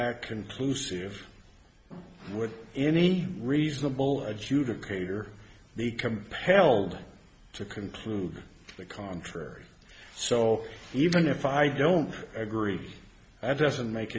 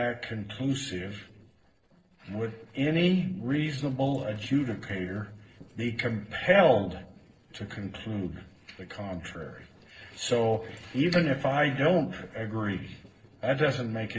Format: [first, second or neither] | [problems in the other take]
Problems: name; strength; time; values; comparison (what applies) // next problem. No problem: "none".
first | noise reduction (neural separator model SepFormer DNS4)